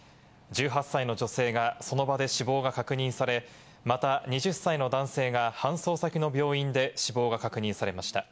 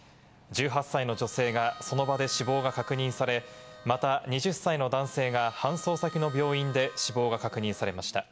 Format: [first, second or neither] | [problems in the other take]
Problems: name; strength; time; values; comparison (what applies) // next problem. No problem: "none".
first | background sound (Harmonica); 17 dB below the speech